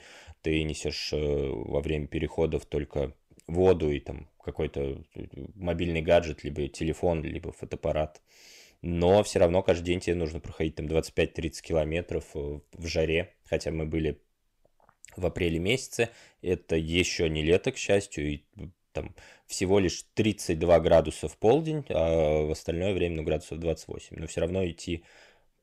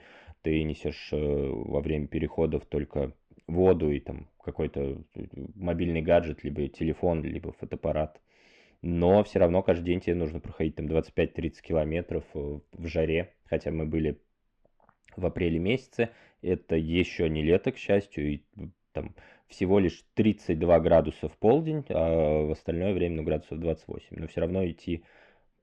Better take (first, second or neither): first